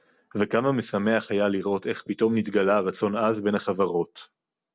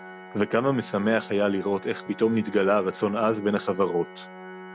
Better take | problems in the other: first | background sound (Organ); 17 dB below the speech

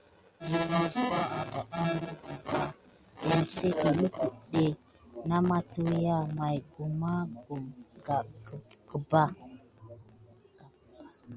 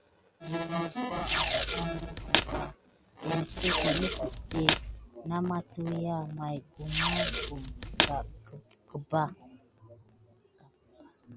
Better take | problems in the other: first | background sound (Packing tape, duct tape); 4 dB above the speech

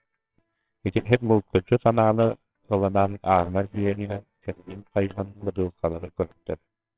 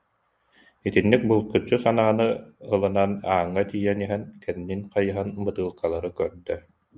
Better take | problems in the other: second | noise reduction (neural separator model SepFormer WHAMR!)

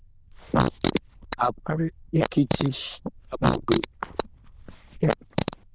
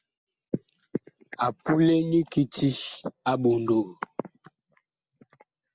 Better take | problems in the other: second | noise reduction (neural diffusion model UNIVERSE++)

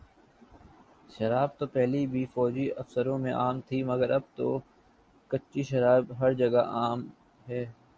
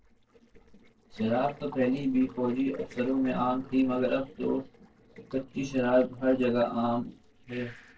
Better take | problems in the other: first | noise reduction (neural separator model SepFormer DNS4)

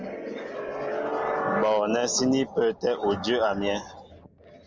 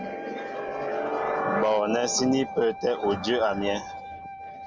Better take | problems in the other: first | background sound (Wind instrument, woodwind instrument); 12 dB below the speech

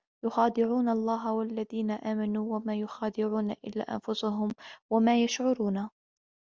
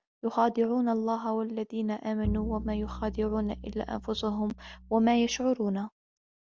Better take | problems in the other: first | background sound (Bowed string instrument); 10 dB below the speech

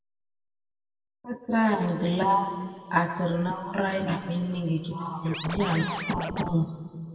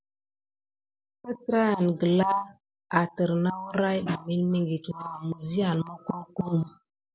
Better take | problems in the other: second | background sound (Scratching (performance technique)); 6 dB below the speech // room echo; dies away in 2.1 s

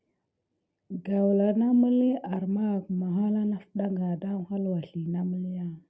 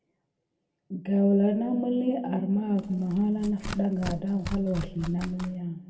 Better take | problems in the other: first | background sound (Tearing); 11 dB below the speech // room echo; dies away in 1.6 s

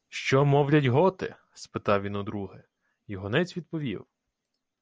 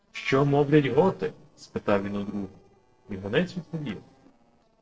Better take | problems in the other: first | noise reduction (neural separator model SepFormer DNS4)

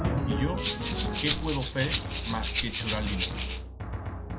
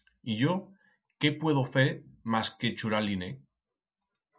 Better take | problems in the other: second | background sound (Rattle (instrument) + Drum); 4 dB above the speech

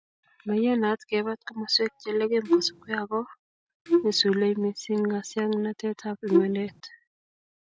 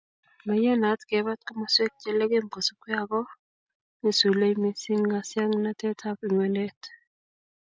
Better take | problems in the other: second | background sound (Wind instrument, woodwind instrument); 2 dB above the speech

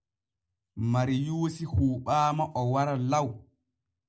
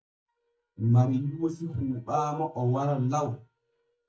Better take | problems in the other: first | noise reduction (neural mask model DeepFilterNet 3)

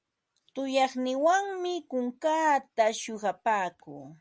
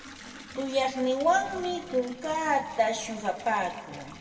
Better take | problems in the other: first | background sound (Bathtub (filling or washing) / Water tap, faucet); 16 dB below the speech // room echo; dies away in 1.5 s

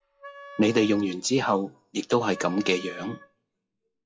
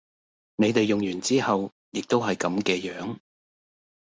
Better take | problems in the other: second | noise reduction (classical method WPE with log-MMSE)

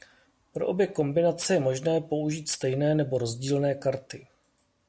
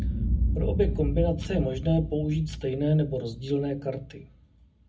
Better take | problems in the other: first | background sound (Boom); 2 dB below the speech // room echo; dies away in 0.4 s

